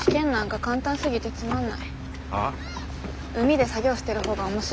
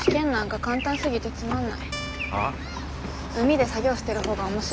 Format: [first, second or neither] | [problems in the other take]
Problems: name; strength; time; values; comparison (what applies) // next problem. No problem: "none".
first | background sound (Guitar + Traffic noise, roadway noise / Bird); 12 dB below the speech